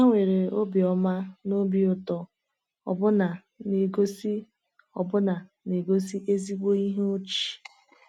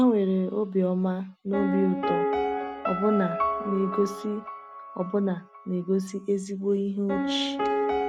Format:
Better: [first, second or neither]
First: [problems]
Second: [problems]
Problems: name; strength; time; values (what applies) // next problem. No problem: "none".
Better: first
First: none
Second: background sound (Piano); 4 dB below the speech